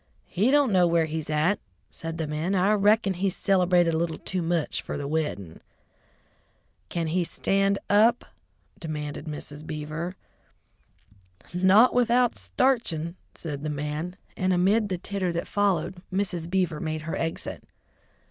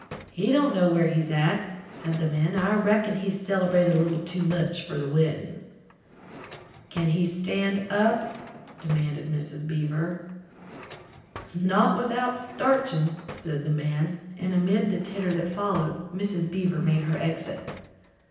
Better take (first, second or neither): first